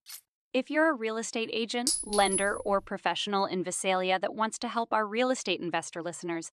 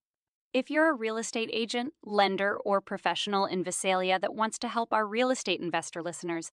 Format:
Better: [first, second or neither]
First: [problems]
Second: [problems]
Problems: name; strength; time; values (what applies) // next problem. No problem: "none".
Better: second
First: clattering dishes; faint; at the start; peak 15 dB below the speech // clattering dishes; loud; at 2 s; peak 1 dB above the speech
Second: none